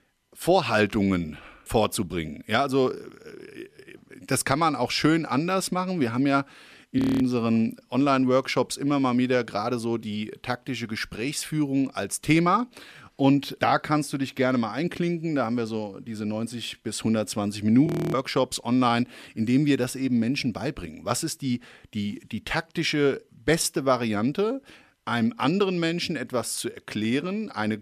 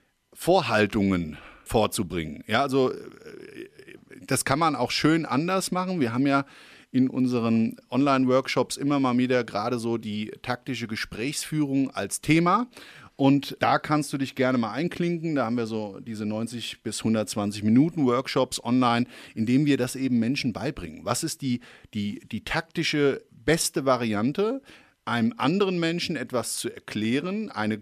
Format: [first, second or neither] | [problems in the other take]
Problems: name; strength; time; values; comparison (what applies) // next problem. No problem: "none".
second | audio freezing; at 7 s and at 18 s